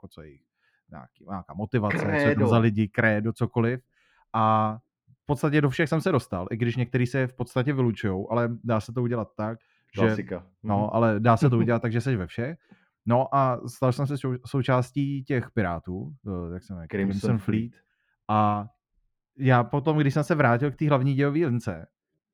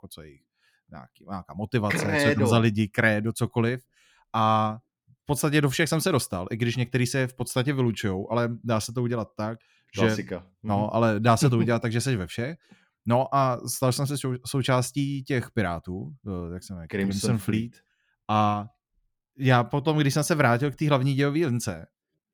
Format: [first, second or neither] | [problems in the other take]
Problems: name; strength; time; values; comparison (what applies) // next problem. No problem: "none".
second | muffled; slightly; fading above 3.5 kHz